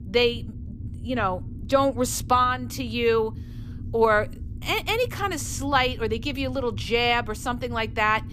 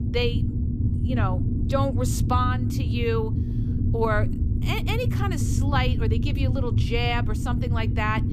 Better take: first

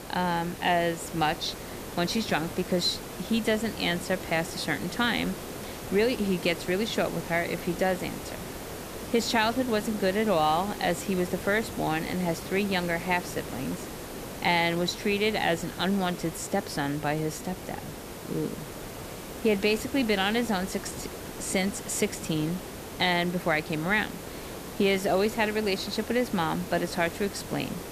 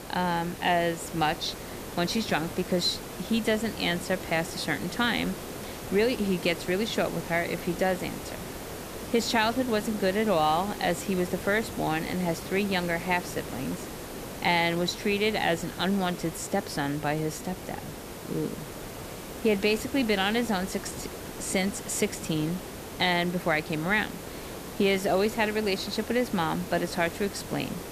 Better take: neither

